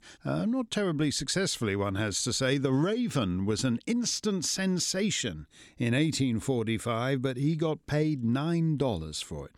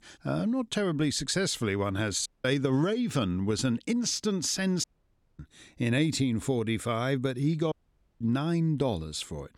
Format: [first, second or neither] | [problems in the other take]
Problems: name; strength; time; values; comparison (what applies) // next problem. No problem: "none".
first | audio cutting out; at 2.5 s, at 5 s for 0.5 s and at 7.5 s